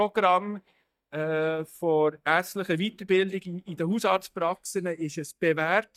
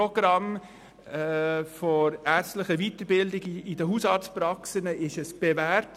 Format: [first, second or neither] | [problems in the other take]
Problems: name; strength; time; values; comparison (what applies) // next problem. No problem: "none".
second | noise reduction (neural mask model DeepFilterNet 3)